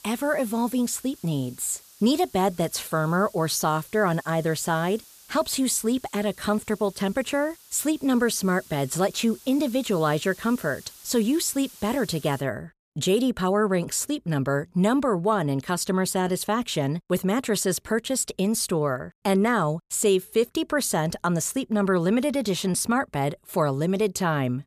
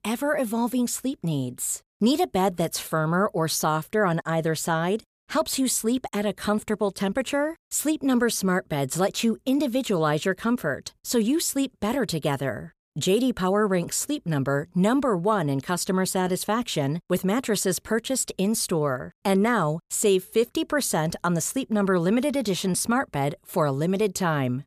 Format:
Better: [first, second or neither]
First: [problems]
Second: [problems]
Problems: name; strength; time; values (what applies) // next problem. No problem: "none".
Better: second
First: hiss; faint; until 12 s; 20 dB below the speech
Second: none